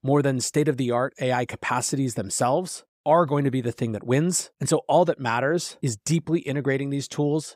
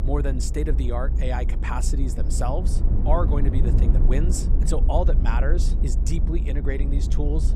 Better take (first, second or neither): first